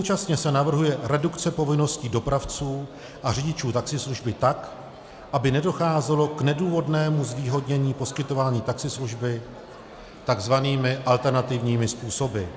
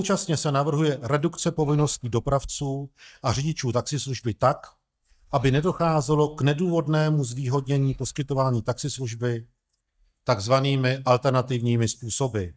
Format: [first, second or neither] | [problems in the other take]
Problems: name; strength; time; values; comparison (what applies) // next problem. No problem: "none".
first | noise reduction (neural mask model DeepFilterNet 3)